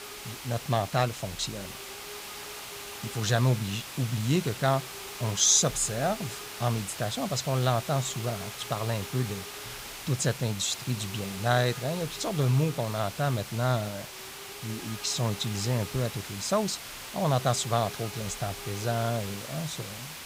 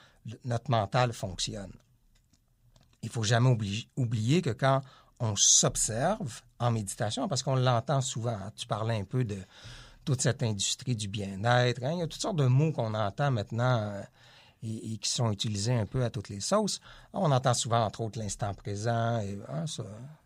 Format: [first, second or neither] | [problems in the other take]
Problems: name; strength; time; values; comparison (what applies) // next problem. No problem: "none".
second | hiss; loud; throughout; 10 dB below the speech